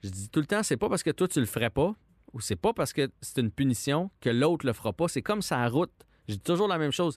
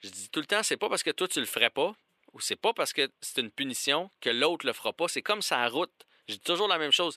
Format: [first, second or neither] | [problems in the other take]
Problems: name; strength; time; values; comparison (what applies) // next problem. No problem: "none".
first | thin; somewhat; fading below 450 Hz